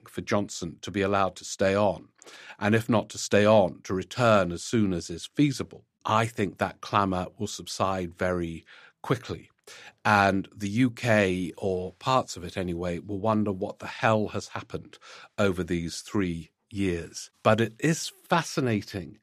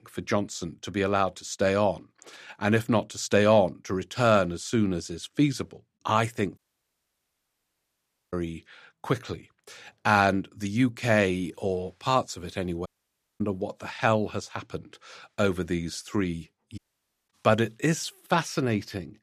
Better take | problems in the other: first | audio cutting out; at 6.5 s for 1.5 s, at 13 s for 0.5 s and at 17 s for 0.5 s

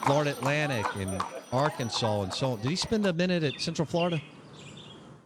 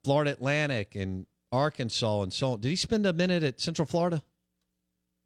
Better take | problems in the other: second | animal sounds; loud; throughout; 9 dB below the speech

